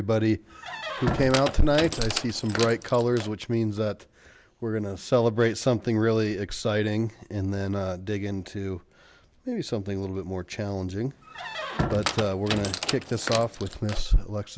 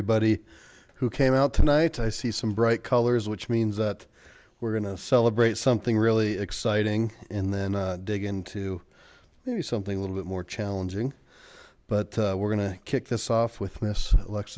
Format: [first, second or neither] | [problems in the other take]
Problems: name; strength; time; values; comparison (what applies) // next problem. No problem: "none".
second | background sound (Squeak); 6 dB below the speech